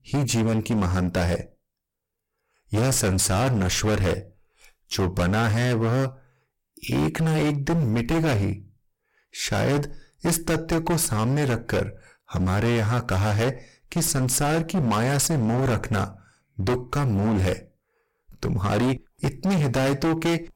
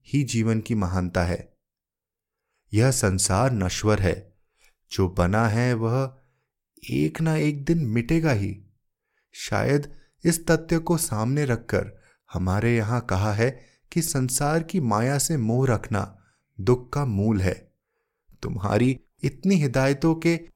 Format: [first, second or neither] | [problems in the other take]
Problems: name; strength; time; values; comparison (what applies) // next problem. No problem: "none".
second | distortion; heavy; 24% of the sound clipped